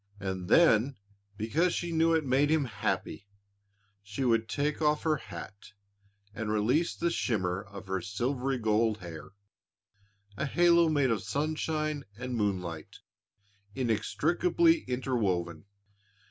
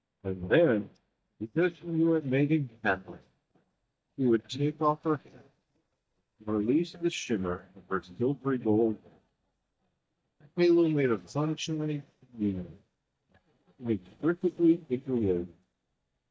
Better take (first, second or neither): first